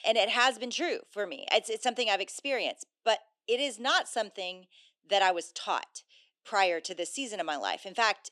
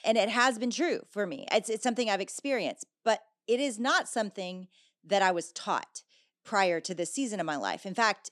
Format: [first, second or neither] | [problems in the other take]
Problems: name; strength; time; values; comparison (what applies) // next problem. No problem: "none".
second | thin; somewhat; fading below 400 Hz